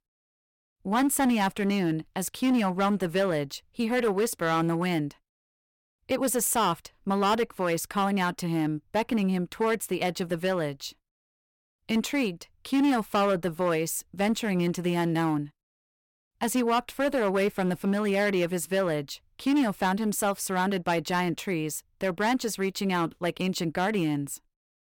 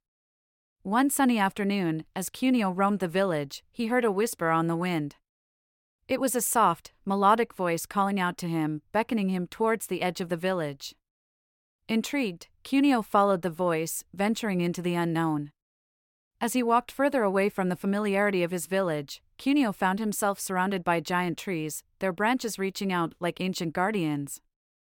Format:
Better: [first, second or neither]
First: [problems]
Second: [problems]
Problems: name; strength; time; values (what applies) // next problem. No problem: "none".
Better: second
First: distortion; slight; 6% of the sound clipped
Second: none